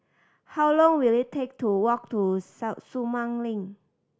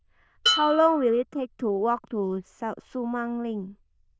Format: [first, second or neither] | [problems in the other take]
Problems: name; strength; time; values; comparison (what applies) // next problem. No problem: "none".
first | noise reduction (neural diffusion model UNIVERSE++)